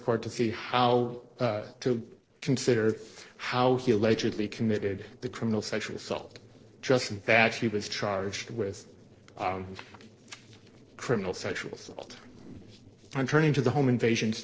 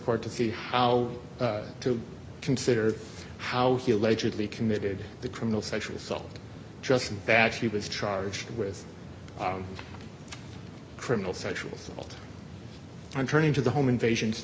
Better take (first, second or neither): second